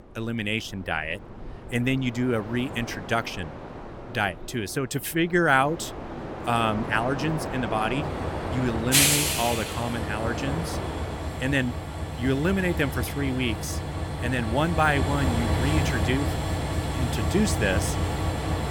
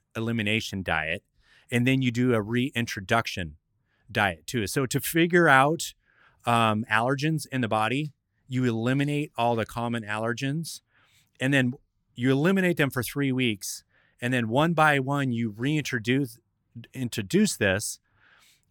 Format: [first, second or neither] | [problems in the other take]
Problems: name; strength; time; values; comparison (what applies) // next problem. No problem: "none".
second | train or aircraft noise; loud; throughout; 1 dB below the speech